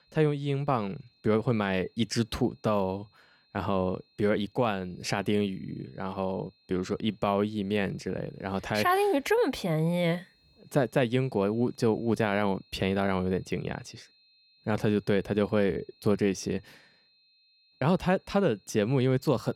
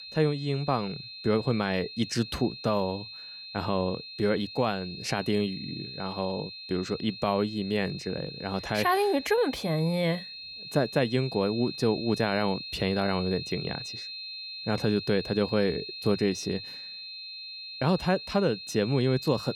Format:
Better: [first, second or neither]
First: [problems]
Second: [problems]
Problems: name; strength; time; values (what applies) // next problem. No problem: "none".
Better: first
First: high-pitched whine; faint; throughout; 4 kHz, 35 dB below the speech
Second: high-pitched whine; loud; throughout; 4 kHz, 10 dB below the speech